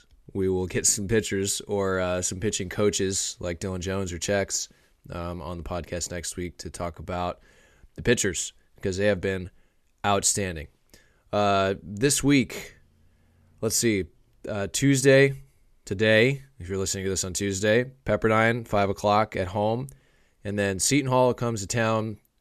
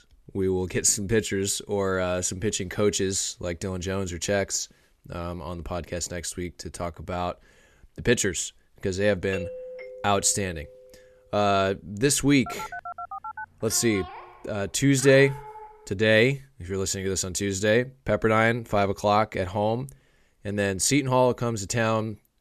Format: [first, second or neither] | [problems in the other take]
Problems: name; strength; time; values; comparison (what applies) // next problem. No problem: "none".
first | doorbell; faint; from 9.5 to 11 s; peak 10 dB below the speech // phone ringing; faint; from 12 to 16 s; peak 10 dB below the speech